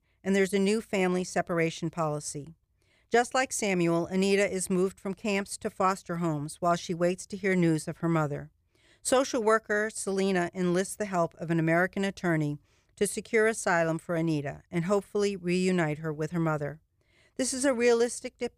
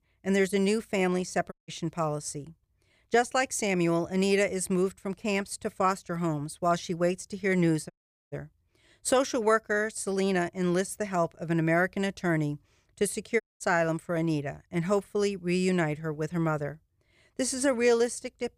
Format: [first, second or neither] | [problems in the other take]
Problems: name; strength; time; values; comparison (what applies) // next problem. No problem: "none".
first | audio cutting out; at 1.5 s, at 8 s and at 13 s